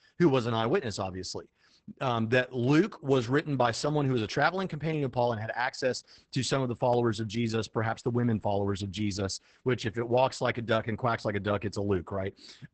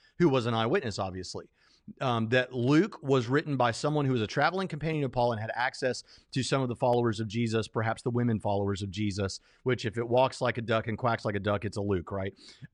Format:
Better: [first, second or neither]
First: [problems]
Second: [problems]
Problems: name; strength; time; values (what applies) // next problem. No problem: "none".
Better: second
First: garbled, watery; badly; nothing above 8 kHz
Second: none